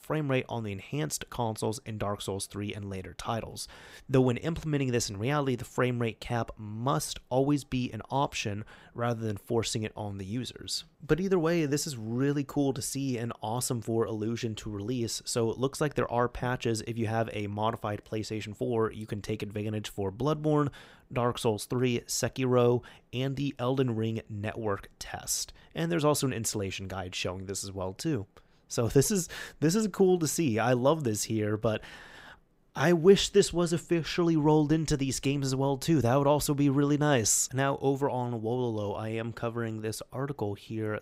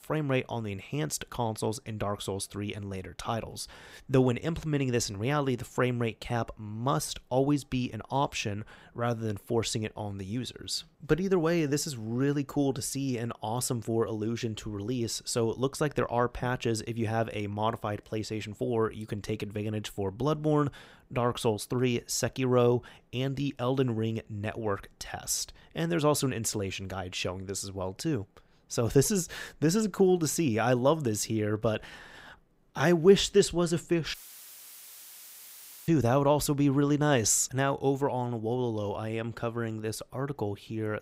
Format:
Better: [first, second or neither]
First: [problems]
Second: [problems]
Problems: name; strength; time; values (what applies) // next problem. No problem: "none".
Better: first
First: none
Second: audio cutting out; filled with static; at 34 s for 1.5 s